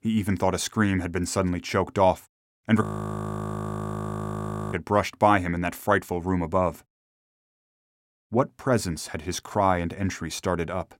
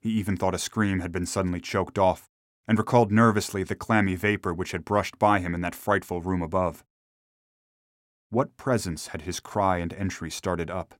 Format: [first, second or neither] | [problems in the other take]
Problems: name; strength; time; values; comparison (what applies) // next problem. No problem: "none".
second | audio freezing; at 3 s for 2 s